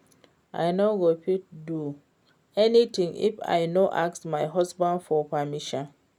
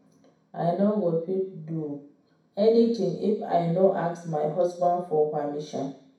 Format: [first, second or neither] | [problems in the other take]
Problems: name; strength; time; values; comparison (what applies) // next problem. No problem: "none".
first | room echo; dies away in 0.6 s